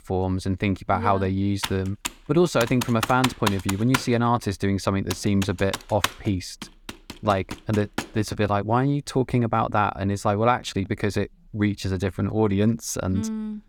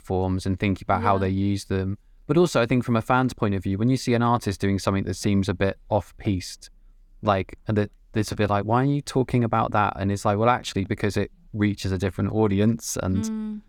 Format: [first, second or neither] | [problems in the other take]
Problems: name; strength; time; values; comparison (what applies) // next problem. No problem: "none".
second | keyboard typing; noticeable; from 1.5 to 8 s; peak 2 dB below the speech